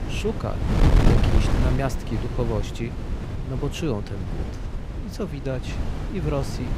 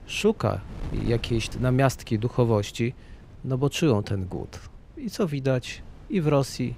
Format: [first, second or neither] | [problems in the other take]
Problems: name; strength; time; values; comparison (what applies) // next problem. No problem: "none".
second | wind noise on the microphone; heavy; 1 dB below the speech; occasional gusts in the second